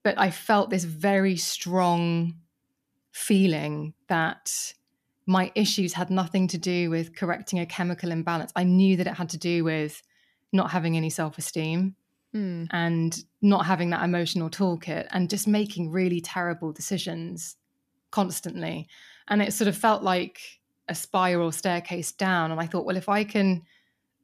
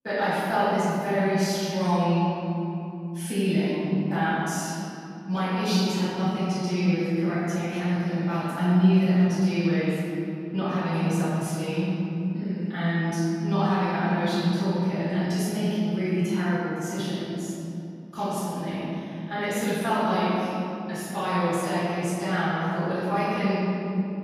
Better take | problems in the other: first | room echo; strong; dies away in 2.9 s // off-mic speech; far

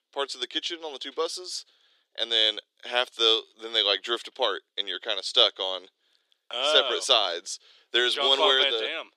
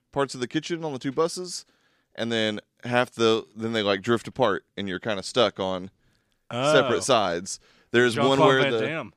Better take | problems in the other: second | thin; very; fading below 350 Hz

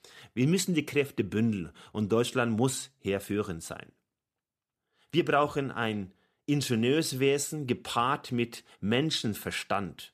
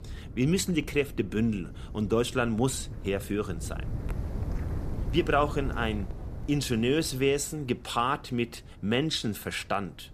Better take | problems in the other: first | wind noise on the microphone; occasional gusts; 20 dB below the speech

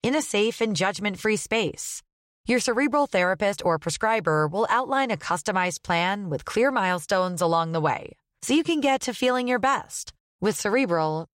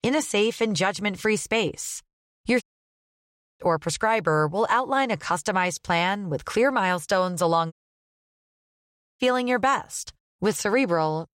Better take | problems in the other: first | audio cutting out; at 2.5 s for 1 s and at 7.5 s for 1.5 s

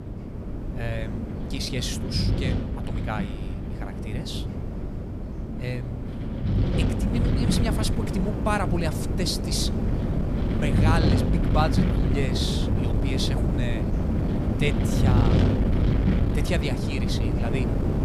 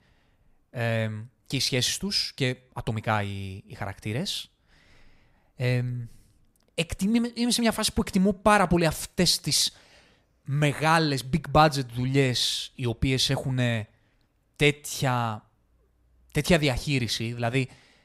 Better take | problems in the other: second | wind noise on the microphone; heavy; 2 dB below the speech

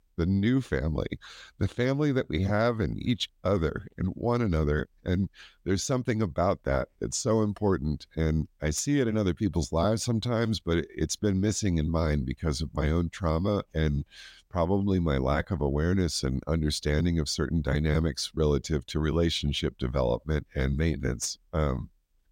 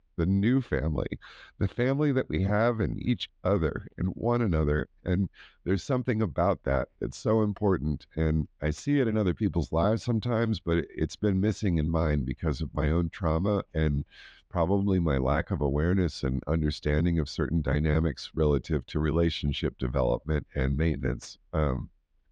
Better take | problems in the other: first | muffled; slightly; fading above 3 kHz

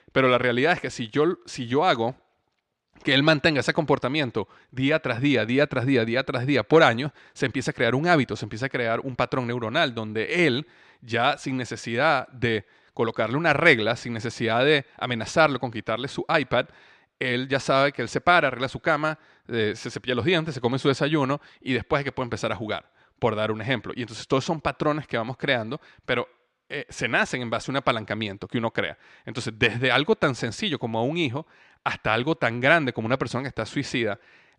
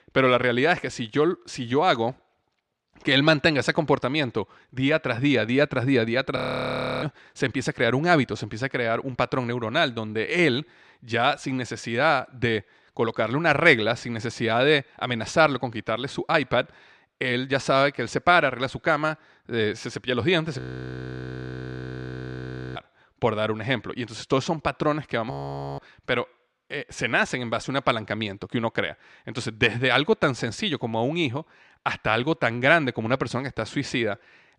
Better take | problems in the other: first | audio freezing; at 6.5 s for 0.5 s, at 21 s for 2 s and at 25 s

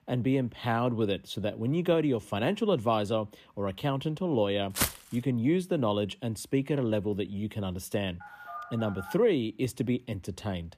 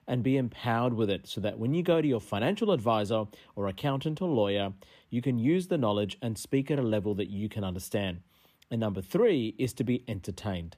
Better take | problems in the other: second | footsteps; loud; at 5 s; peak level with the speech // phone ringing; faint; at 8 s; peak 10 dB below the speech

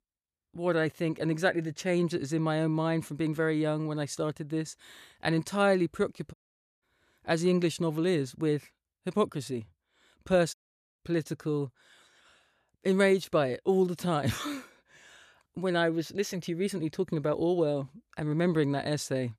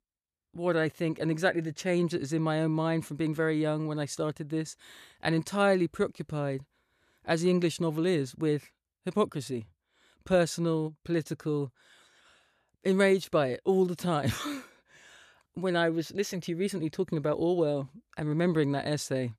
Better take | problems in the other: second | audio cutting out; at 6.5 s and at 11 s

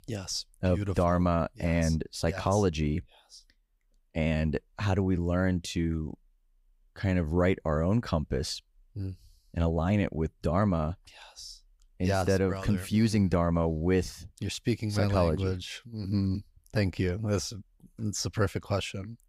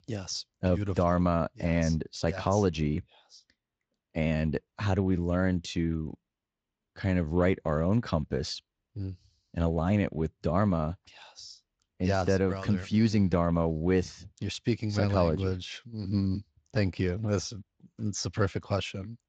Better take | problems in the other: first | garbled, watery; slightly; nothing above 7.5 kHz

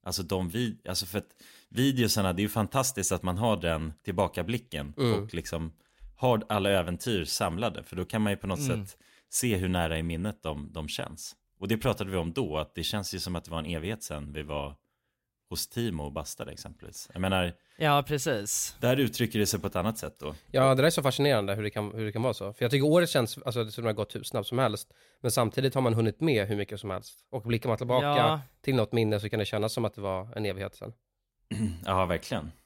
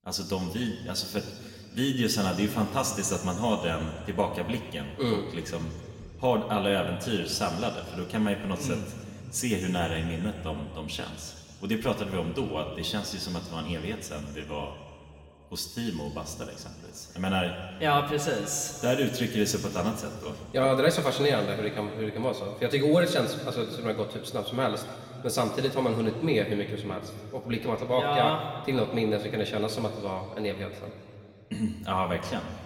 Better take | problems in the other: first | room echo; slight; dies away in 2.4 s // off-mic speech; somewhat distant

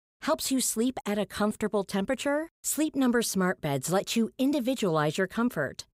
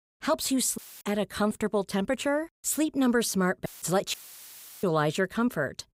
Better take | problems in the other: first | audio cutting out; filled with static; at 1 s, at 3.5 s and at 4 s for 0.5 s

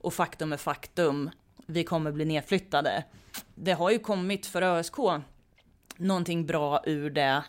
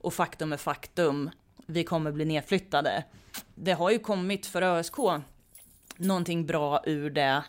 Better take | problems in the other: first | jangling keys; faint; from 5 to 6 s; peak 15 dB below the speech

